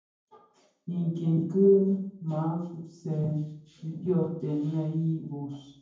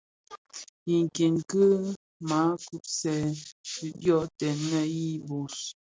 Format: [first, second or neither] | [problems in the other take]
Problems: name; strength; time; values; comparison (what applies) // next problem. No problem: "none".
second | room echo; dies away in 0.9 s